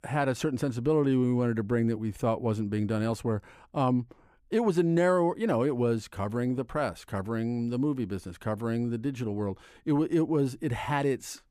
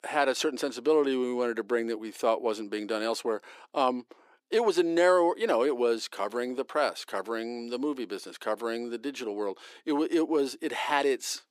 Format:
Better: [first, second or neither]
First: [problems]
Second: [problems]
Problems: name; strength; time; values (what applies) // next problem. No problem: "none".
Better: first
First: none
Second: thin; somewhat; fading below 350 Hz